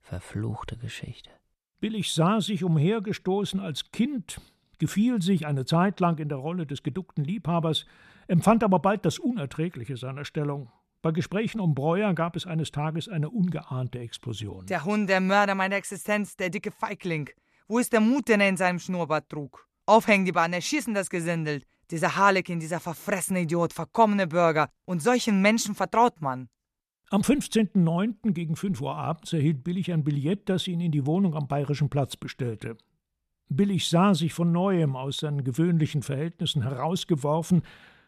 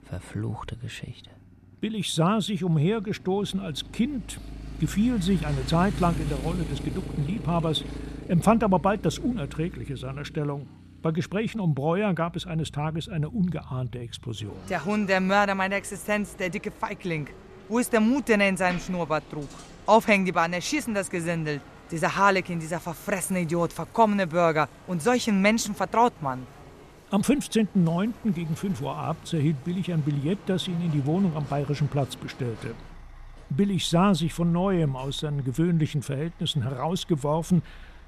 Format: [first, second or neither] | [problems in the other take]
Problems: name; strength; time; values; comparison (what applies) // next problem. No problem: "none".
first | traffic noise; noticeable; throughout; 15 dB below the speech